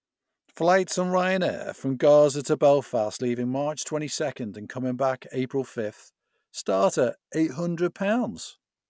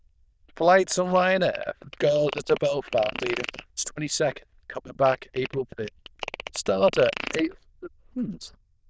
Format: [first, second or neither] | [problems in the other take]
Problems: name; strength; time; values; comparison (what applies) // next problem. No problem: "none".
first | noise reduction (neural diffusion model UNIVERSE++)